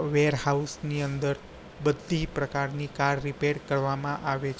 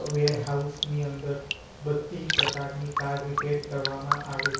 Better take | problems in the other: first | background sound (Raindrop); 3 dB below the speech // room echo; dies away in 0.6 s

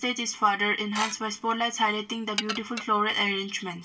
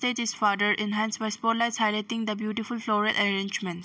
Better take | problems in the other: second | background sound (Dishes, pots, and pans / Glass); 10 dB below the speech // room echo; dies away in 0.2 s

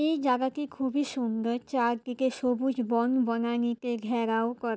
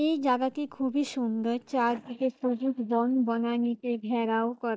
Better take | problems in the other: first | noise reduction (neural mask model DeepFilterNet 3)

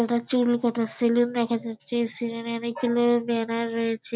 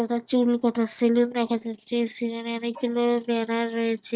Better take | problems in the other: first | noise reduction (neural mask model DeepFilterNet 3)

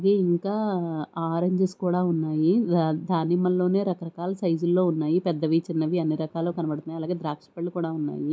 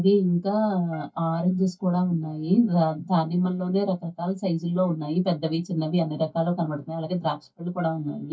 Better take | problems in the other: first | noise reduction (neural mask model DeepFilterNet 3)

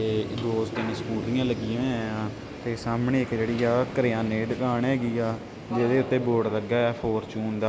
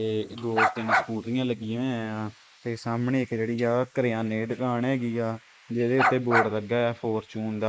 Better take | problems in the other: first | noise reduction (neural mask model Resemble Enhance denoiser)

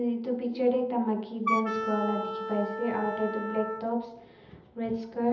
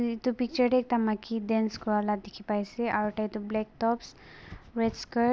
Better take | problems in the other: second | background sound (Wind instrument, woodwind instrument); 3 dB below the speech // room echo; dies away in 0.7 s

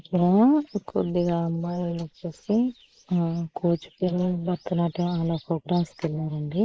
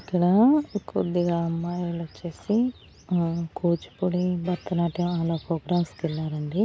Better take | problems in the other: second | noise reduction (neural mask model Resemble Enhance denoiser)

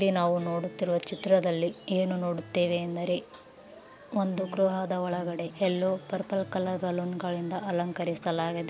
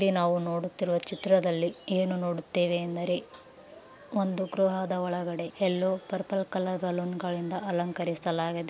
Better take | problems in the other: second | background sound (Acoustic guitar); 19 dB below the speech

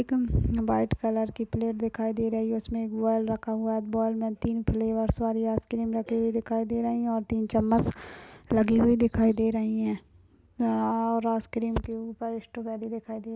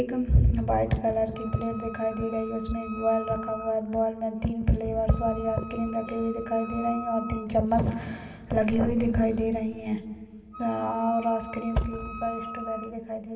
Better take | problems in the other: first | background sound (Wind instrument, woodwind instrument); 15 dB below the speech // room echo; dies away in 1.9 s

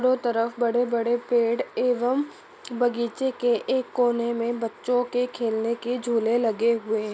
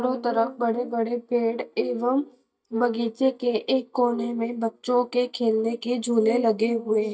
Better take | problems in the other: first | noise reduction (neural mask model DeepFilterNet 3)

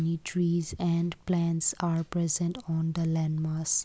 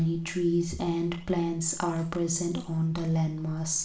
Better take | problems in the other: first | room echo; dies away in 0.5 s

